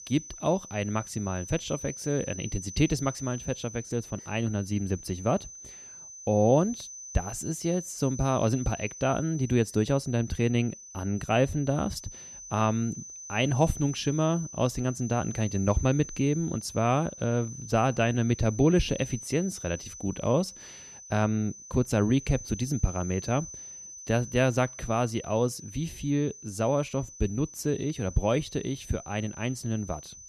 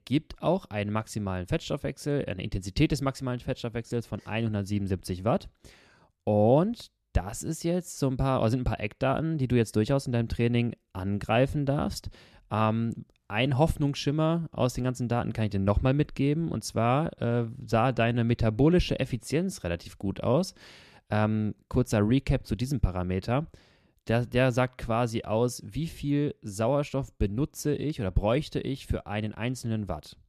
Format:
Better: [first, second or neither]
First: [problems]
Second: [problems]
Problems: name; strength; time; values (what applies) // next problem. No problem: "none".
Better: second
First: high-pitched whine; noticeable; throughout; 6 kHz, 15 dB below the speech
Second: none